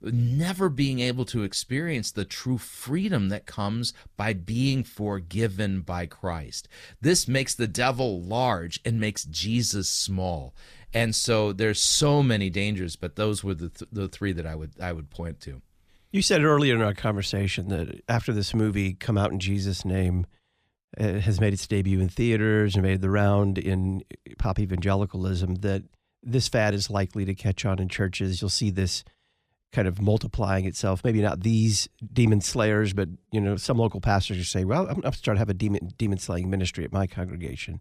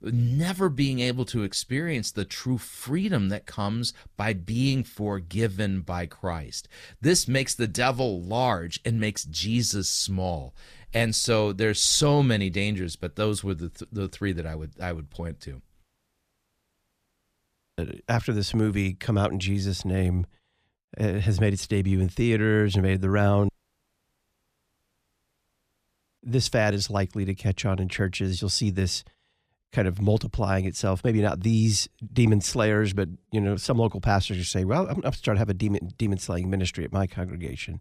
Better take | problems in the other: first | audio cutting out; at 16 s for 2 s and at 23 s for 2.5 s

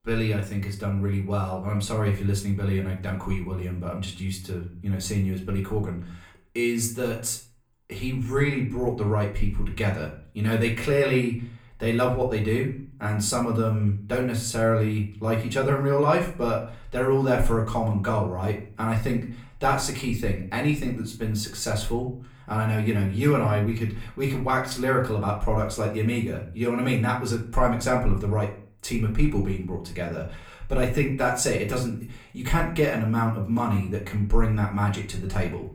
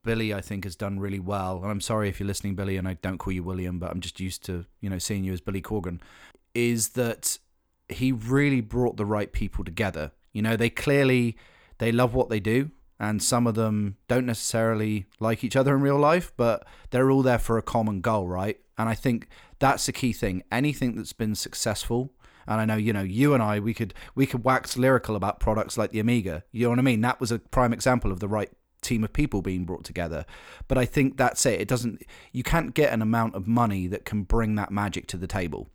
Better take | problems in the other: second | off-mic speech; far // room echo; slight; dies away in 0.4 s

